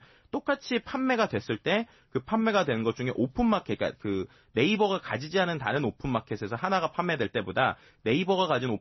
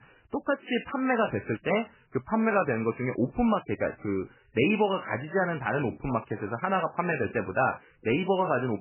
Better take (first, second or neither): first